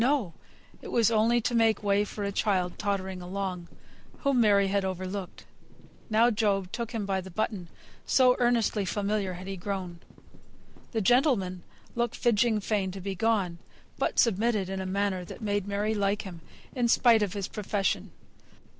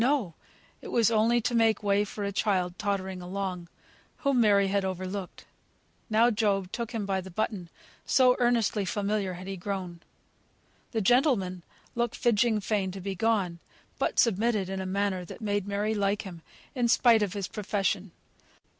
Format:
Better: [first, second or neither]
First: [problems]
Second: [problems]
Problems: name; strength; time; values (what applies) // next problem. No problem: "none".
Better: second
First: background sound (Livestock, farm animals, working animals); 14 dB below the speech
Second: none